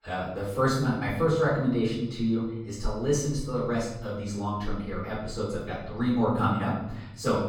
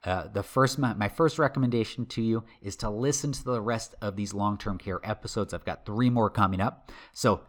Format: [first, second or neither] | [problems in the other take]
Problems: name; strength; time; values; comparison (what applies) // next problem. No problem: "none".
second | off-mic speech; far // room echo; noticeable; dies away in 0.8 s